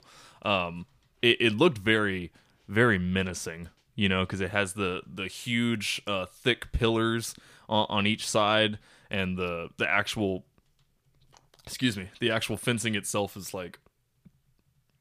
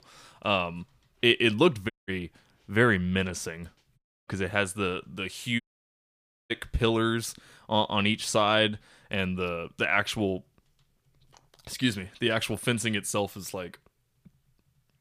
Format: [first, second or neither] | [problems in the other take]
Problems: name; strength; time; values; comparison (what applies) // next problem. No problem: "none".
first | audio cutting out; at 2 s, at 4 s and at 5.5 s for 1 s